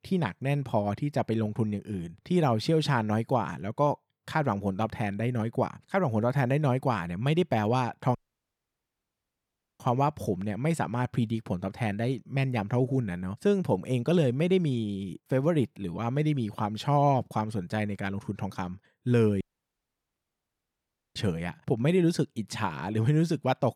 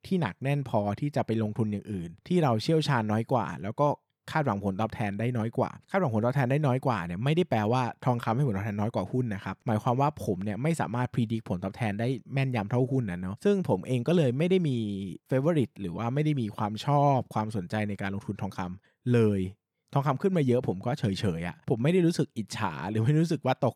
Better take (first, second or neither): second